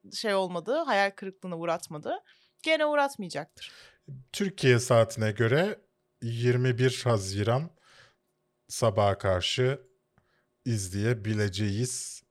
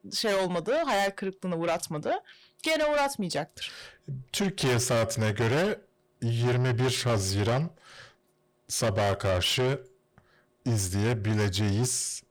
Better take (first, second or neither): first